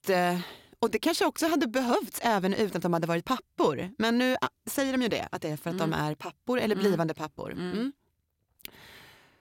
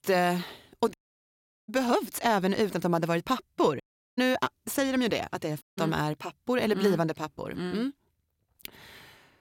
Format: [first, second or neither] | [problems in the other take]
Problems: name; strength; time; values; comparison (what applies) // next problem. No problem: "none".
first | audio cutting out; at 1 s for 0.5 s, at 4 s and at 5.5 s